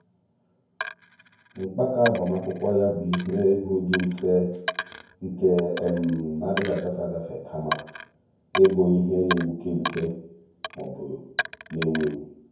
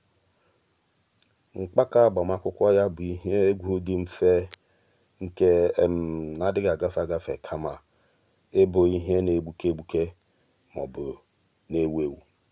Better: second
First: background sound (Coin (dropping)); 11 dB below the speech // room echo; dies away in 0.9 s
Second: none

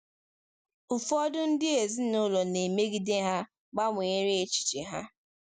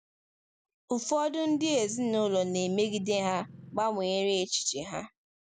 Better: first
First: none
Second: background sound (Engine); 18 dB below the speech

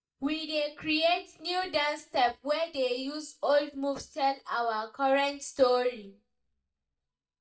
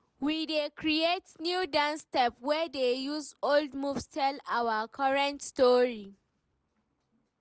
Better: second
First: noise reduction (neural mask model DeepFilterNet 3)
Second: none

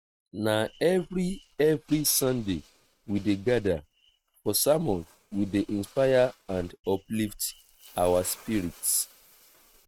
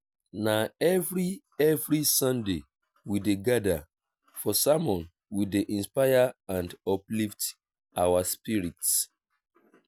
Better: second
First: noise reduction (neural mask model RNNoise)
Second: none

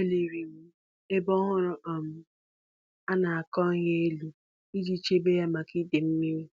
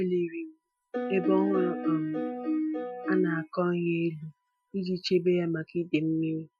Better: first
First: none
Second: noise reduction (classical method Wiener filter)

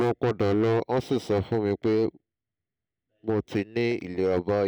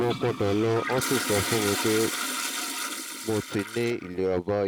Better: first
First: none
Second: background sound (Toilet flush); 5 dB below the speech

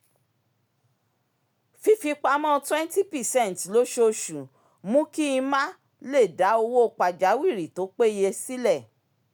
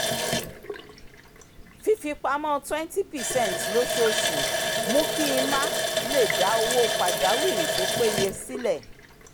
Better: first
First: none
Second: background sound (Water tap, faucet); as loud as the speech

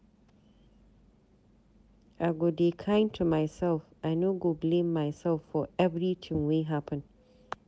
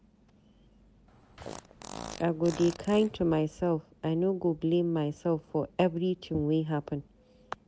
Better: first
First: none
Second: background sound (Fart); 14 dB below the speech

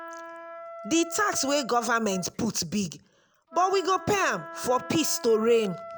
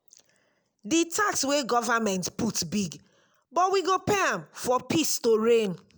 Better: second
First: background sound (Wind instrument, woodwind instrument); 15 dB below the speech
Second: none

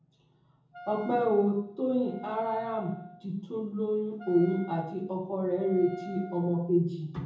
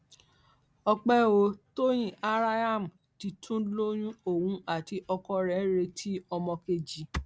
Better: second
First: background sound (Wind instrument, woodwind instrument); 17 dB below the speech // room echo; dies away in 0.7 s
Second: none

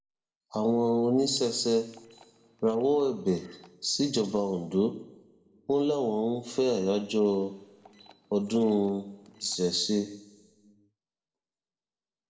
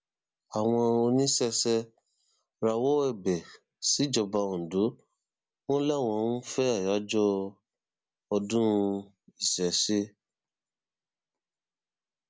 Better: second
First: noise reduction (neural separator model SepFormer DNS4)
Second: none

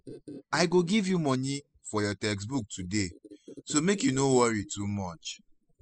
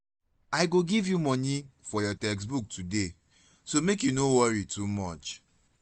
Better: second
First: noise reduction (classical method spectral subtraction)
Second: none

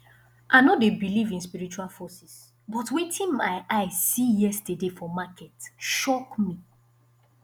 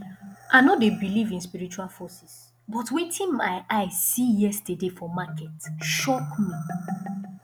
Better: first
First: none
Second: background sound (Marimba, xylophone); 13 dB below the speech

